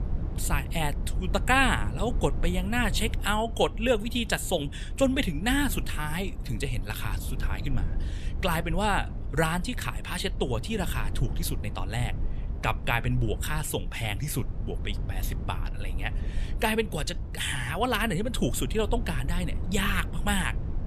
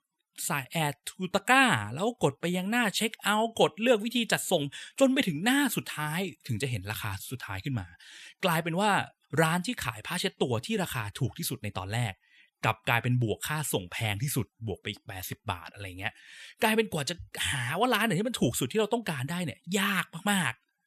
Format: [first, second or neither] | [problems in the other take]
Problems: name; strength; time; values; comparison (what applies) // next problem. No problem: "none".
second | low rumble; noticeable; throughout; 20 dB below the speech